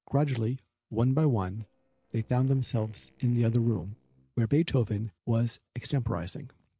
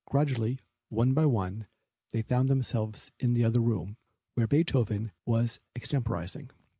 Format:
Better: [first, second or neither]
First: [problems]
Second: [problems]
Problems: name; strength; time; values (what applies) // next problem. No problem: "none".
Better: second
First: noise reduction (neural separator model SepFormer DNS4)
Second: none